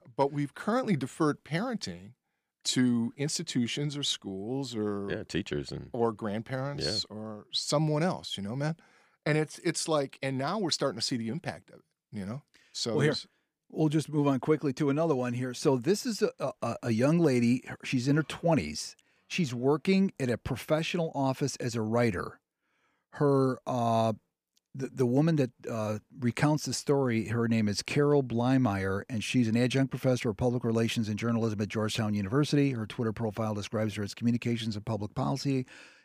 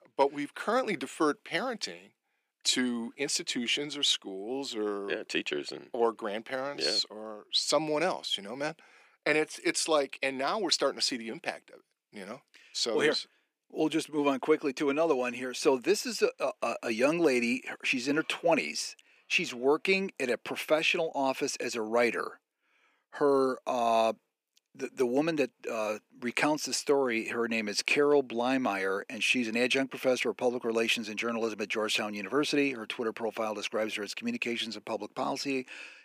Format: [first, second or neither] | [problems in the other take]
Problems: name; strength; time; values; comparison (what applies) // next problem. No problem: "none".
first | thin; somewhat; fading below 300 Hz